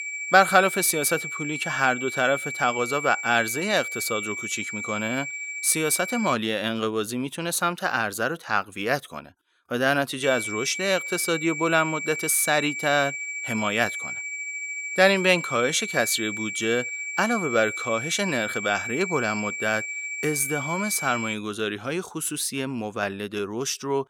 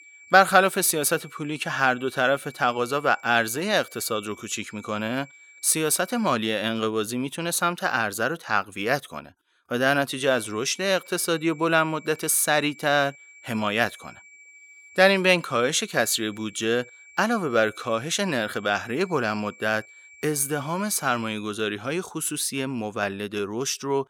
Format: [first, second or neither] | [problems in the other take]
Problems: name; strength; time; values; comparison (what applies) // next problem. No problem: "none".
second | high-pitched whine; loud; until 6.5 s and from 10 to 21 s; 2.5 kHz, 5 dB below the speech; faint in the second